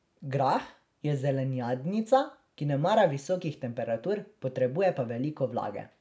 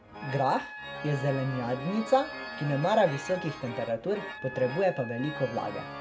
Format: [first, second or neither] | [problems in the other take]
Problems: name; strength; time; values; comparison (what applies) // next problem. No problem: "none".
first | background sound (Wind instrument, woodwind instrument + Organ); 10 dB below the speech